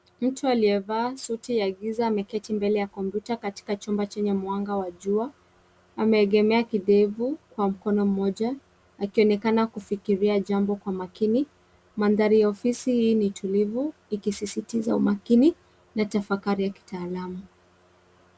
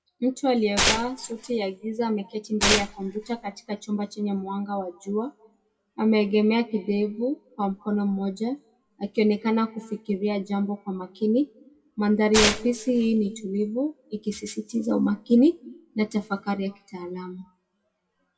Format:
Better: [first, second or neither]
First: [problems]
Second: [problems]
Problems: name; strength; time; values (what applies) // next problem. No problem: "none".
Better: first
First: none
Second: noise reduction (classical method WPE with log-MMSE)